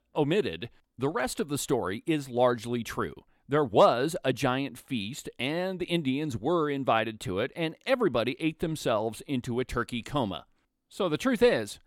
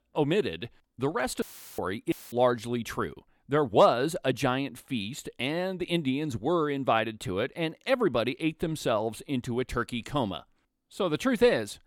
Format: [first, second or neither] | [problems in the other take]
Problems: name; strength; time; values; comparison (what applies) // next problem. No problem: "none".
first | audio cutting out; filled with static; at 1.5 s and at 2 s